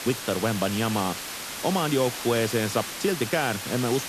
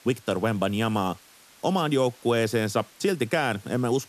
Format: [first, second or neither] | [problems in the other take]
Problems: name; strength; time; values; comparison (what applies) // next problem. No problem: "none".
second | hiss; loud; throughout; 6 dB below the speech; faint in the second